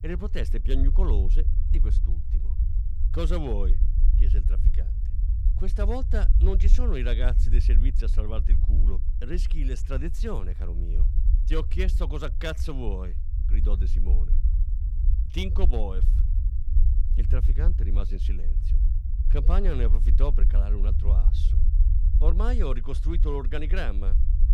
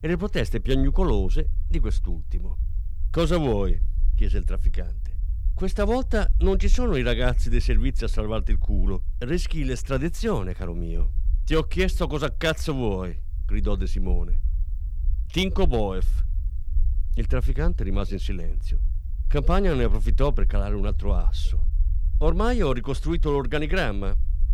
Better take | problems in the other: second | low rumble; loud; throughout; 10 dB below the speech; faint in the second

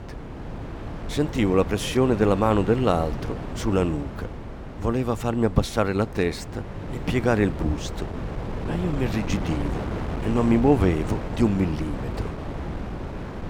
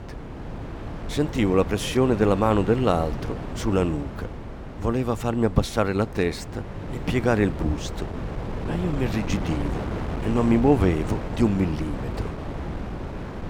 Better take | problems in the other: neither | wind noise on the microphone; occasional gusts; 10 dB below the speech; the same in both

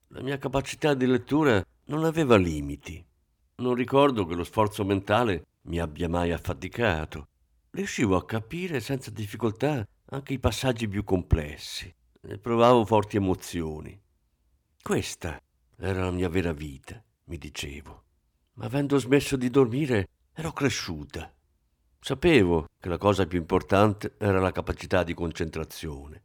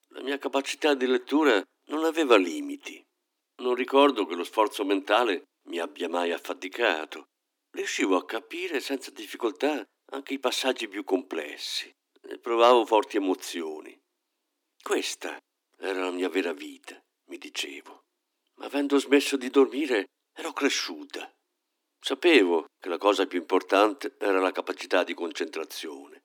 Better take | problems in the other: first | thin; very slightly; fading below 250 Hz

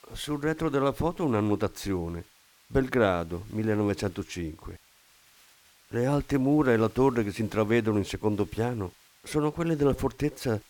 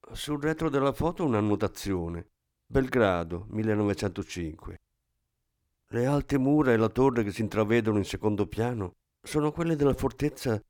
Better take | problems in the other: second | hiss; faint; throughout; 30 dB below the speech

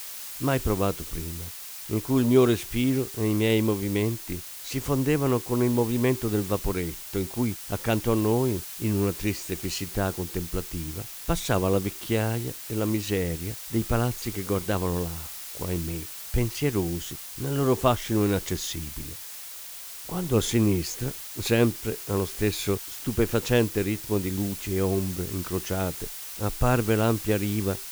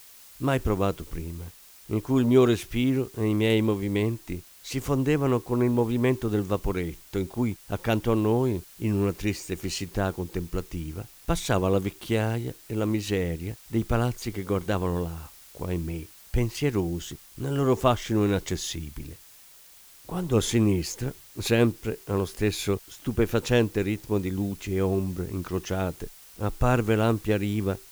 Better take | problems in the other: second | hiss; loud; throughout; 9 dB below the speech; faint in the second

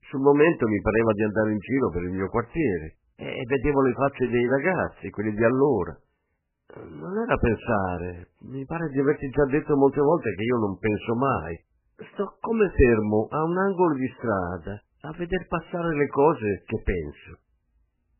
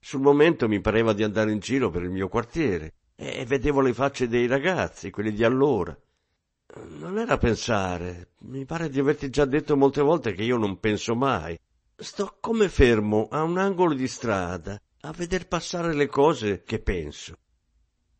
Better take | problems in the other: second | garbled, watery; badly; nothing above 3 kHz; slightly in the second

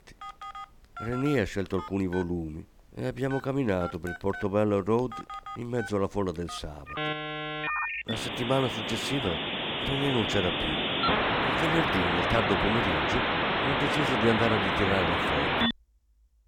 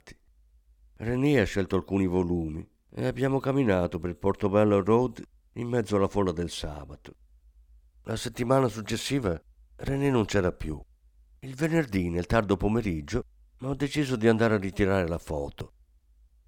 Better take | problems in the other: second | alarms or sirens; very loud; throughout; 3 dB above the speech

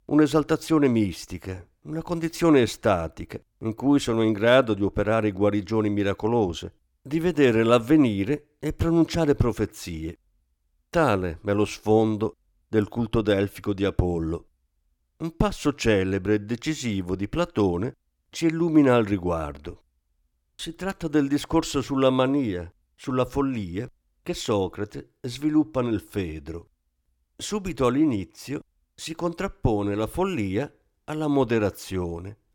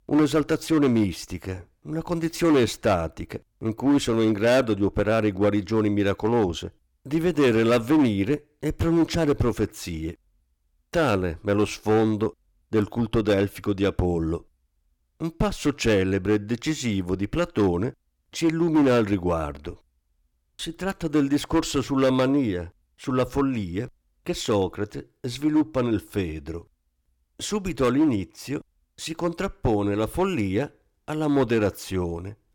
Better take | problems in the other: first | distortion; slight; 5% of the sound clipped

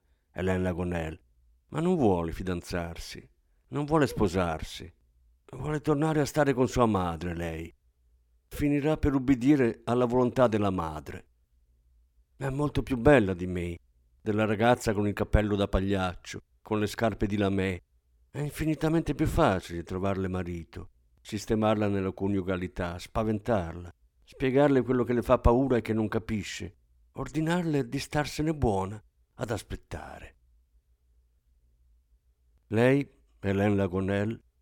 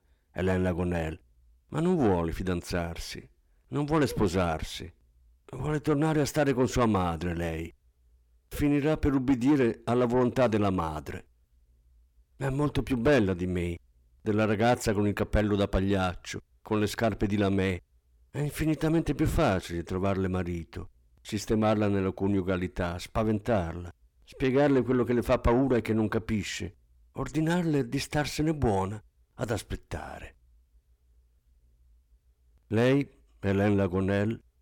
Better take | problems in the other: first | distortion; slight; 10 dB below the speech

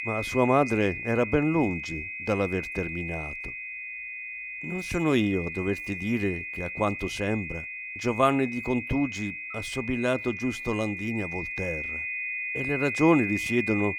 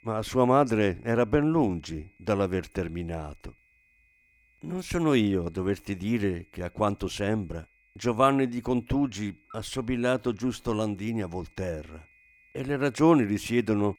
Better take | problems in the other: second | high-pitched whine; loud; throughout; 2.5 kHz, 5 dB below the speech; faint in the second

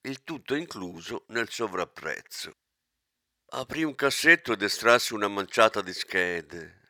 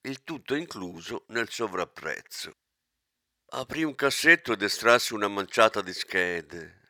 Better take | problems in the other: neither | thin; somewhat; fading below 900 Hz; the same in both

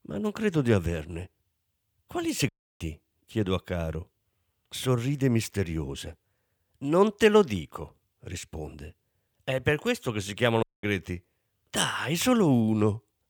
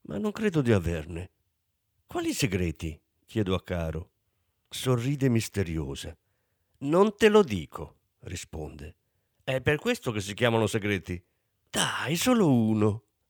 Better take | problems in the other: second | audio cutting out; at 2.5 s and at 11 s

